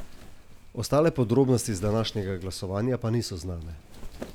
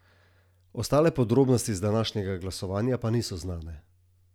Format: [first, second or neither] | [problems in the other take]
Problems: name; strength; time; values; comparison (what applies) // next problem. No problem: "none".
second | background sound (Wind); 16 dB below the speech